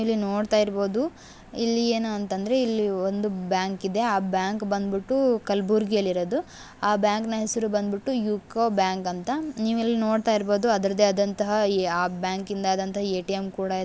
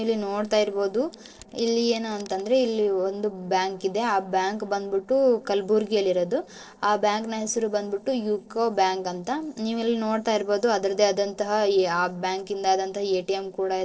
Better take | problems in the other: first | noise reduction (neural separator model SepFormer DNS4)

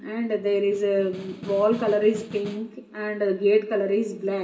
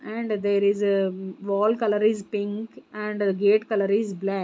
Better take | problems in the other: second | background sound (Snare drum); 17 dB below the speech // room echo; dies away in 0.8 s

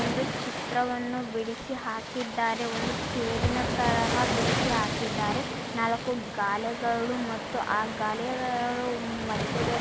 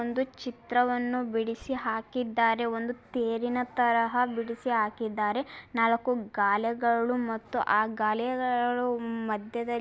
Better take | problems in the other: second | background sound (Waves, surf); as loud as the speech

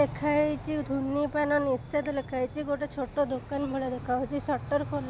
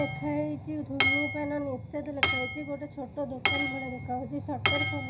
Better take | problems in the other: first | background sound (Hammer / Chink, clink); 1 dB above the speech // room echo; dies away in 0.4 s

